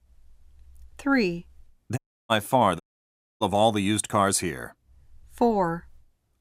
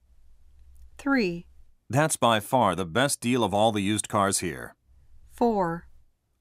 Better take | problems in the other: second | audio cutting out; at 2 s and at 3 s for 0.5 s

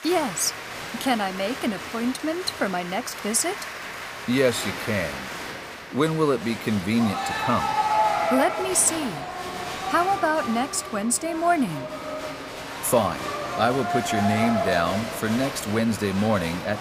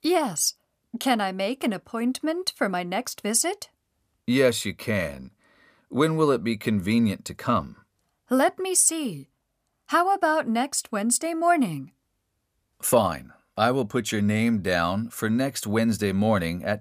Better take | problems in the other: second | crowd noise; loud; throughout; 5 dB below the speech

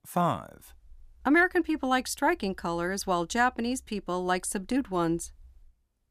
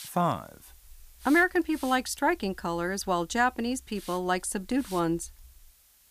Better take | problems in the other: first | hiss; faint; throughout; 20 dB below the speech

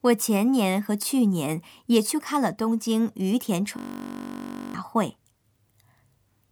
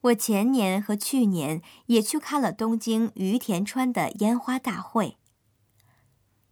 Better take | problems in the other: second | audio freezing; at 4 s for 1 s

